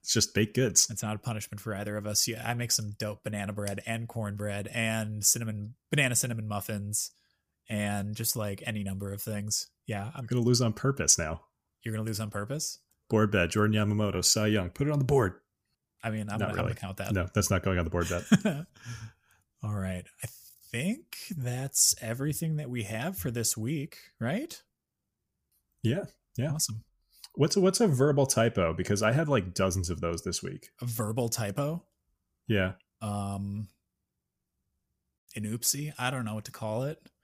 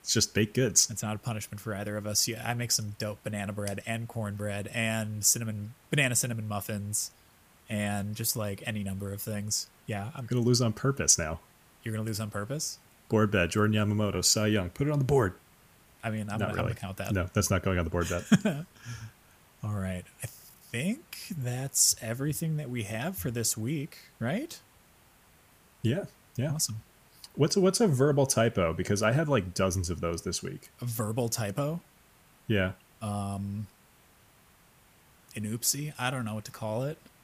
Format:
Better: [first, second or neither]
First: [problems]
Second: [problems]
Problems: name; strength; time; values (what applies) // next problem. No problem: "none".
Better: first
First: none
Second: hiss; faint; throughout; 30 dB below the speech